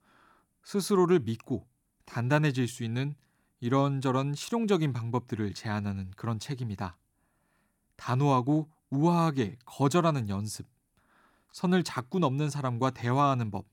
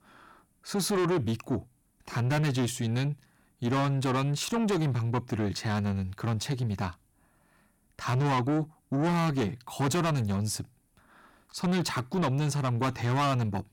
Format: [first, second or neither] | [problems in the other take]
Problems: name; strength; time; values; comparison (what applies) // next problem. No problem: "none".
first | distortion; heavy; 6 dB below the speech